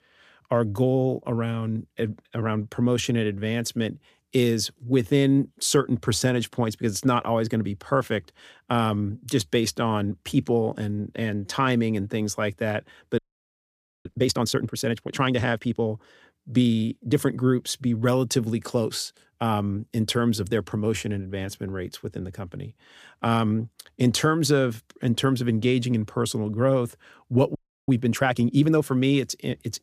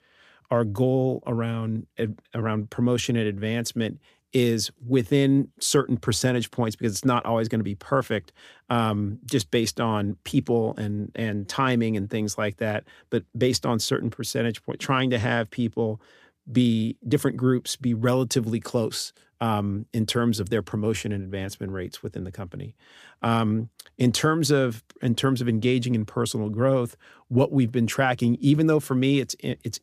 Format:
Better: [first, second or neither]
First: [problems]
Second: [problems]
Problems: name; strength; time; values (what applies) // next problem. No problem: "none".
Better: second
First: audio freezing; at 13 s for 1 s and at 28 s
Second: none